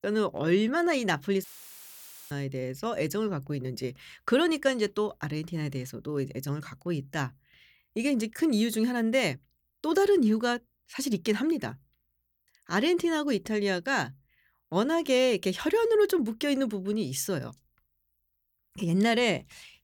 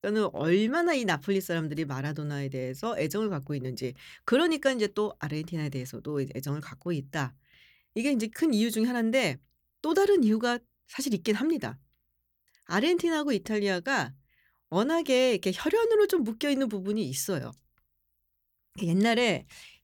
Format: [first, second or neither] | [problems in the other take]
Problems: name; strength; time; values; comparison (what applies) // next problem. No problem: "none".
second | audio cutting out; filled with static; at 1.5 s for 1 s